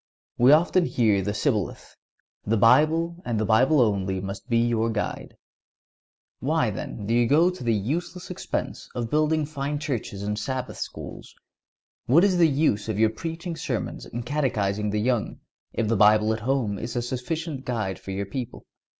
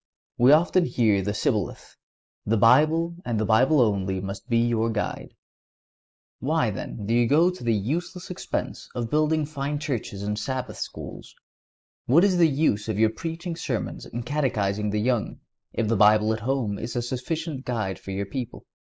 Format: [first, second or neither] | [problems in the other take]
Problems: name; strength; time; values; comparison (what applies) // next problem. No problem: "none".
first | noise reduction (neural mask model Resemble Enhance denoiser)